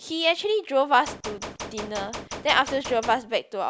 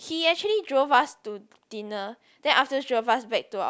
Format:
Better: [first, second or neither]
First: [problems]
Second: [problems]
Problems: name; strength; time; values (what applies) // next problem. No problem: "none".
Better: second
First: background sound (Gunshot, gunfire); 11 dB below the speech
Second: none